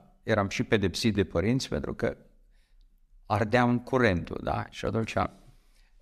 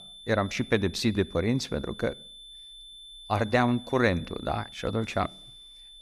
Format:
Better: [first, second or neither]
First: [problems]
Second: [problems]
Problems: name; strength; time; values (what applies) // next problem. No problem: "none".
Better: first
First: none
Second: high-pitched whine; noticeable; throughout; 3.5 kHz, 15 dB below the speech